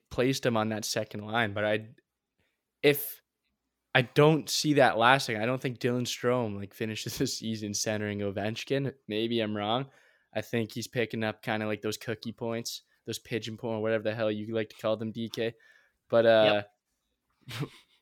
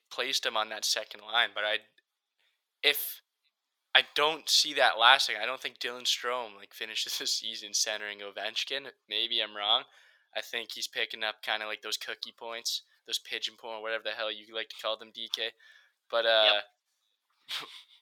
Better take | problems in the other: first | thin; very; fading below 950 Hz

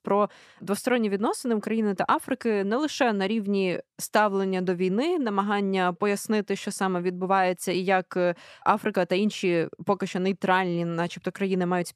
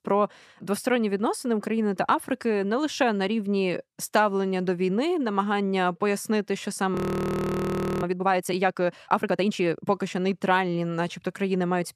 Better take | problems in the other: first | audio freezing; at 7 s for 1 s

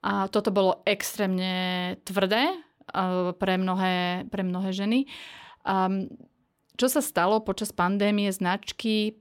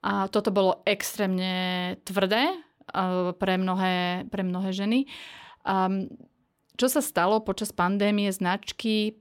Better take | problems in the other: neither | none

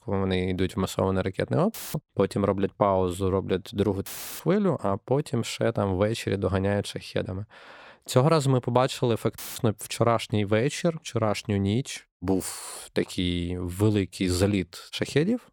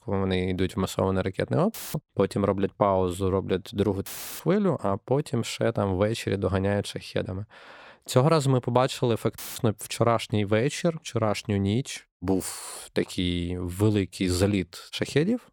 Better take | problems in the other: neither | audio cutting out; filled with static; at 1.5 s, at 4 s and at 9.5 s; the same in both

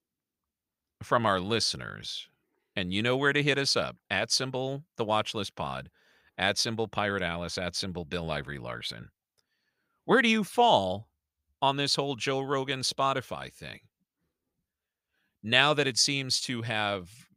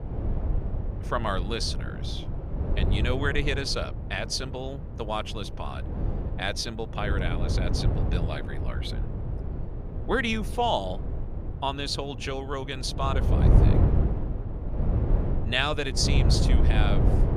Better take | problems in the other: first | wind noise on the microphone; heavy; 8 dB below the speech

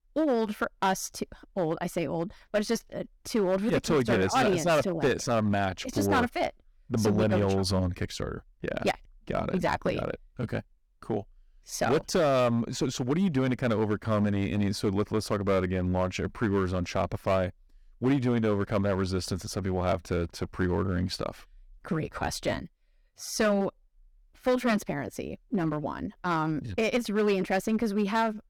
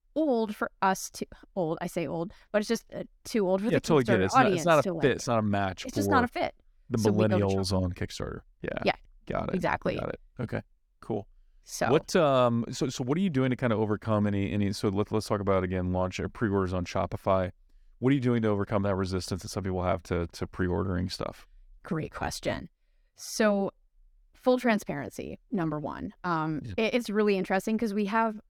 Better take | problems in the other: second | distortion; slight; 6% of the sound clipped

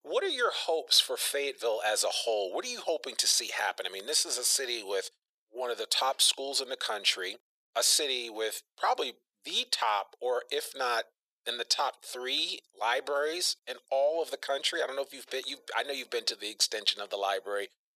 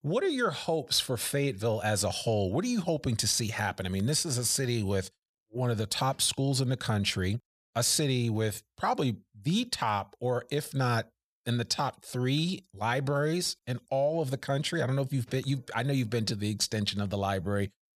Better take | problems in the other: second | thin; very; fading below 400 Hz

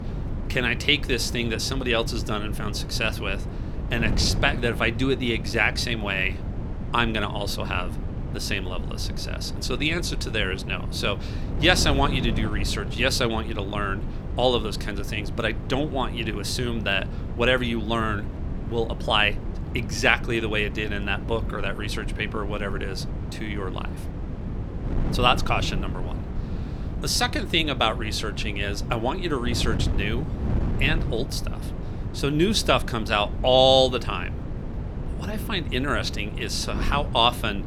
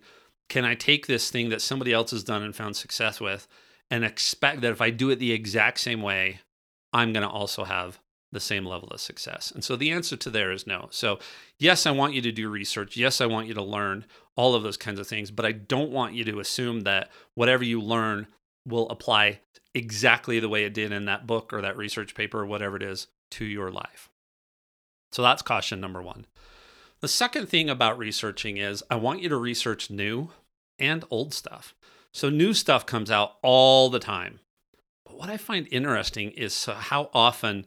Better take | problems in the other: second | wind noise on the microphone; occasional gusts; 15 dB below the speech

